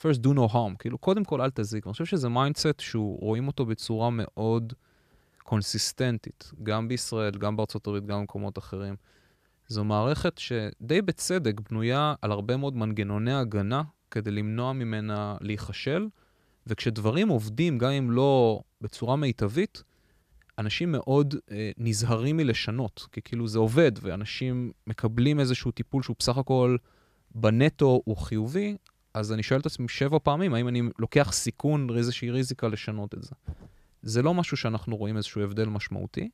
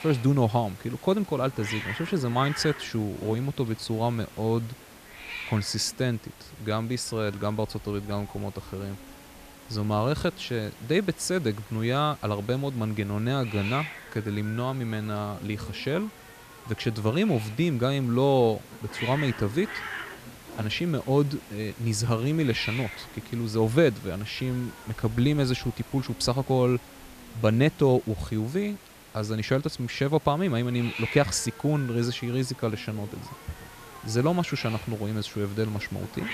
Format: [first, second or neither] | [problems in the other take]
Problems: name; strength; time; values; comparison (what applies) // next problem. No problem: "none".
first | hiss; noticeable; throughout; 15 dB below the speech